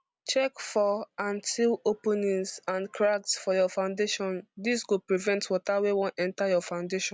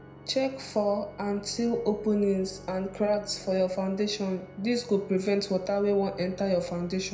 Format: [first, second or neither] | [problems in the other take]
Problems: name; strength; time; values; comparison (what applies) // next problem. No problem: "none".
first | background sound (Organ); 19 dB below the speech // room echo; dies away in 0.5 s